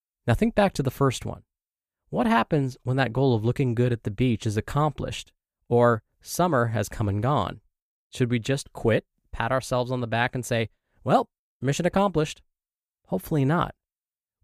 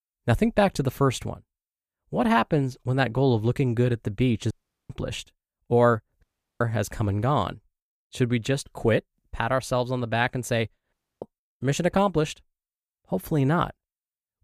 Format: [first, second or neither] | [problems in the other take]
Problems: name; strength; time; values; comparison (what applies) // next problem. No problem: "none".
first | audio cutting out; at 4.5 s, at 6 s and at 11 s